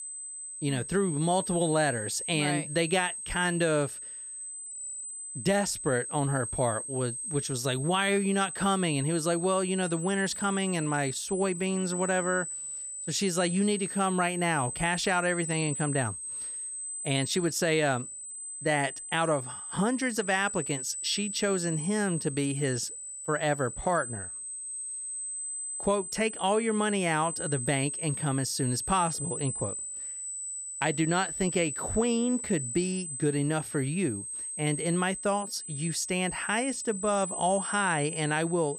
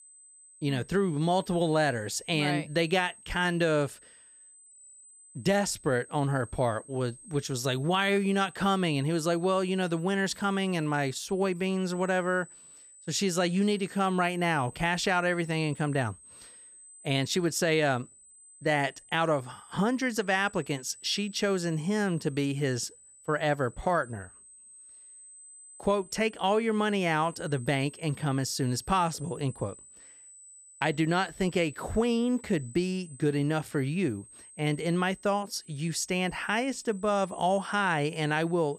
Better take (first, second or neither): second